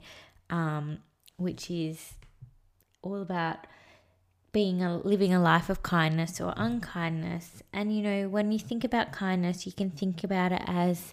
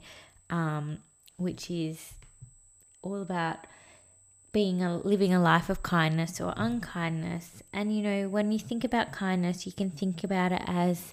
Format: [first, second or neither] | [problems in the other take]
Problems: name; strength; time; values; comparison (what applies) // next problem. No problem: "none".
first | high-pitched whine; faint; throughout; 8 kHz, 25 dB below the speech